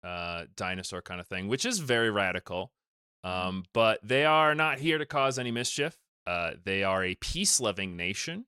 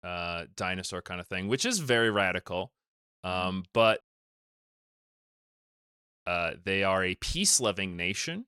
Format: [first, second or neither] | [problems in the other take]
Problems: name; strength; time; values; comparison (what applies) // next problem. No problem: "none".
first | audio cutting out; at 4 s for 2 s